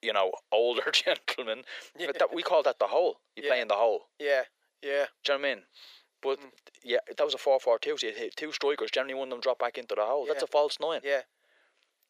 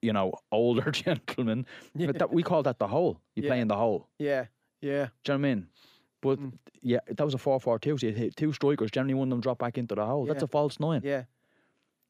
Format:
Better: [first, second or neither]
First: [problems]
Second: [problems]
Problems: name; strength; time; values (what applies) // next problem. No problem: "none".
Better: second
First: thin; very; fading below 500 Hz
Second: none